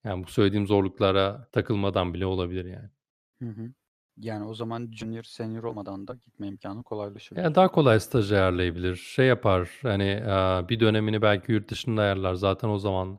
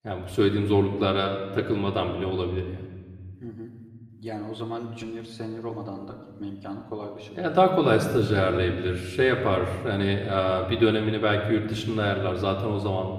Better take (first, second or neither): first